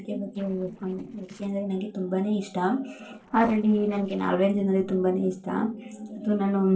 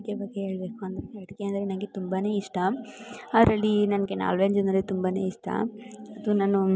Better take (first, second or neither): second